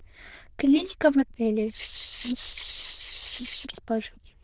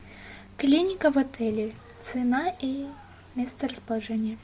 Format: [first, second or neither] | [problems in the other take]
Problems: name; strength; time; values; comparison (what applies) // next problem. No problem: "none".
second | noise reduction (neural diffusion model UNIVERSE++)